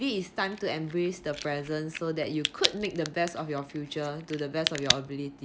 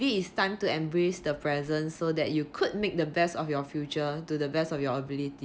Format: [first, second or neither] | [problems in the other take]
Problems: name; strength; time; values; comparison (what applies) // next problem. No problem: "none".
second | background sound (Crack); 5 dB below the speech